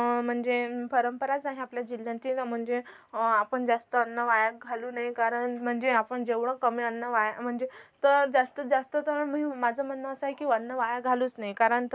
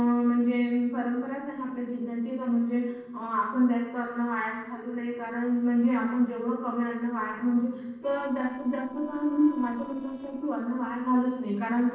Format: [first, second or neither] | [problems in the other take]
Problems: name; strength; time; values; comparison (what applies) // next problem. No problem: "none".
first | noise reduction (neural separator model SepFormer DNS4)